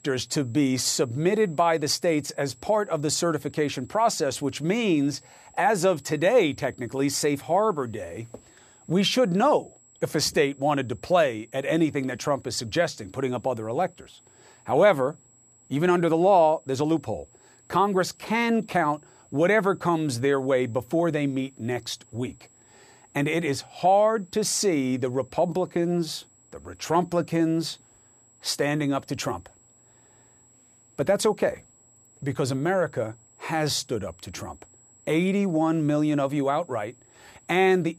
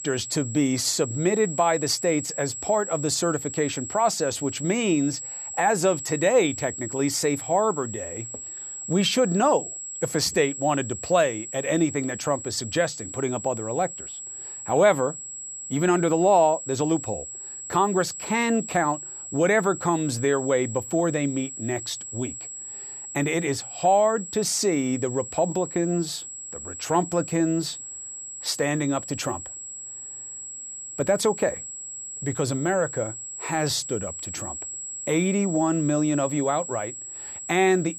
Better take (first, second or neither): first